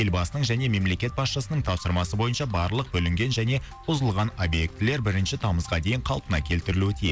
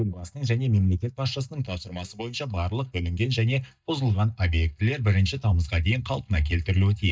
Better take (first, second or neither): first